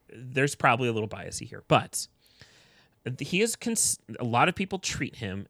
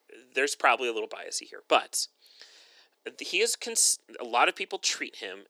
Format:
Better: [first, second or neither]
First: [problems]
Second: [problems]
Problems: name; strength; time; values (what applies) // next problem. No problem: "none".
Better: first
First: none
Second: thin; very; fading below 350 Hz